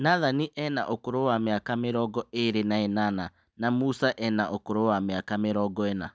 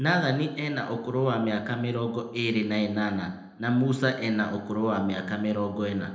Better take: first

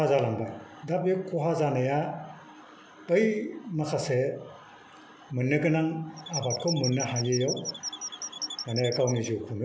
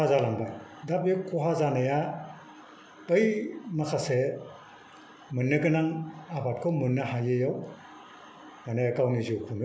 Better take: second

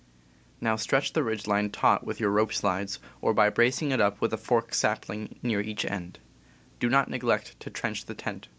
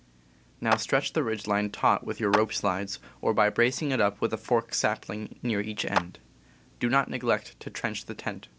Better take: first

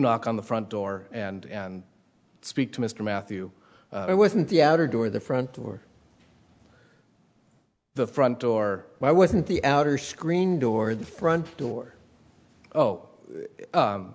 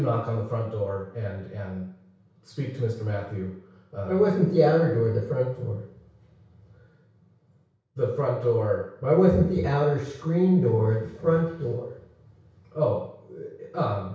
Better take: first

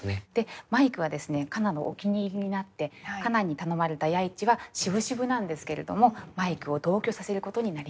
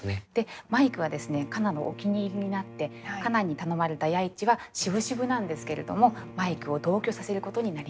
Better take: first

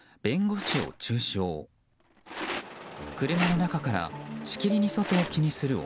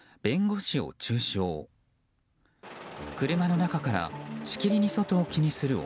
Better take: second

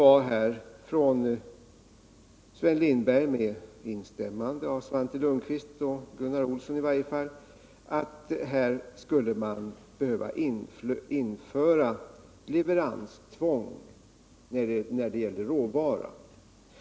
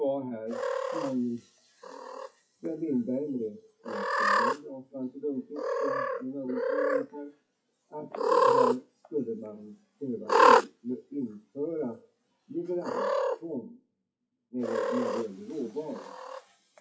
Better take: first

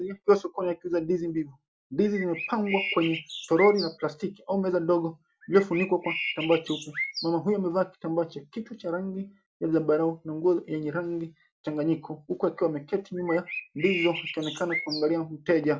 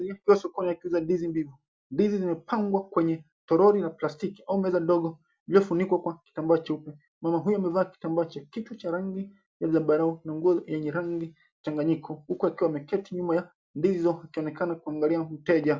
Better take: second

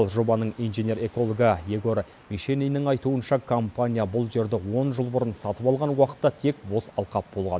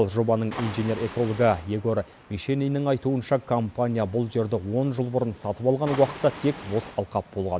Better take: first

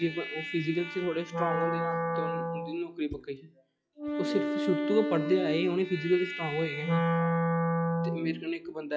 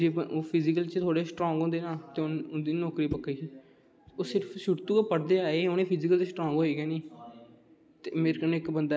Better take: second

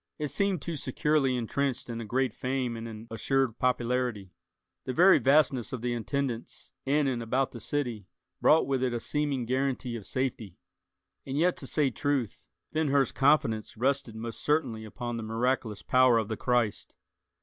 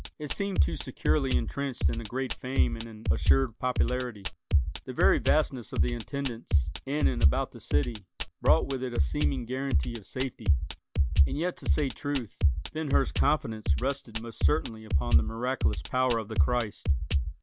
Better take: first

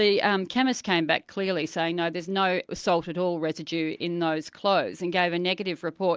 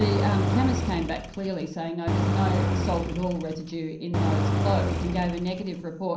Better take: first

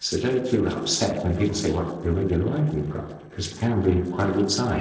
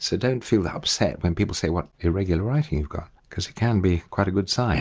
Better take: second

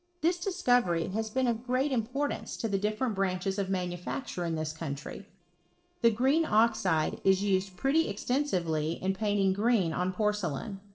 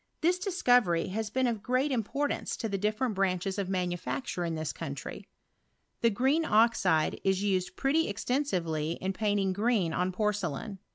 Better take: second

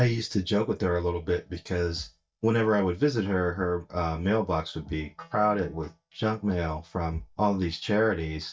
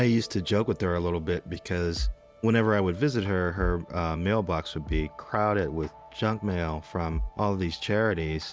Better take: second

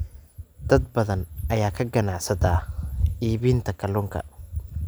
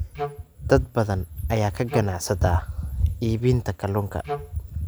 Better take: first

